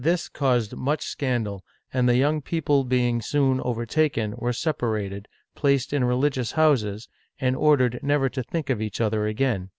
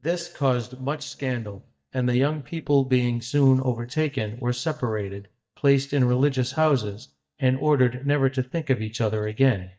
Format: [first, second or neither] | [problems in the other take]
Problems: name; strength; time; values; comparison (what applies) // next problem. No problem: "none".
first | noise reduction (neural mask model DeepFilterNet 3)